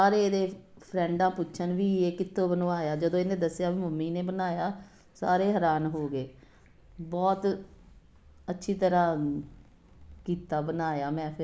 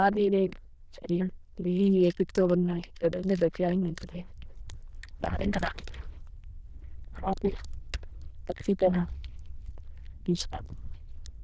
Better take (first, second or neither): first